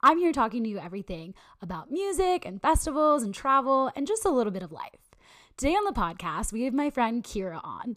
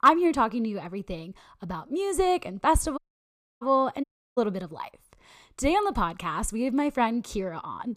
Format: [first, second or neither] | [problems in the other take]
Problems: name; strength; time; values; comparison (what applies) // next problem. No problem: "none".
first | audio cutting out; at 3 s for 0.5 s and at 4 s